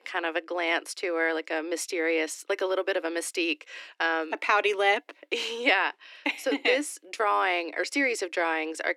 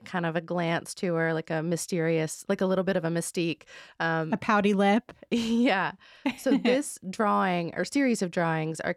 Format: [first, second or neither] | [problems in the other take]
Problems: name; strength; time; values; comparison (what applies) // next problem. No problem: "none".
second | thin; somewhat; fading below 300 Hz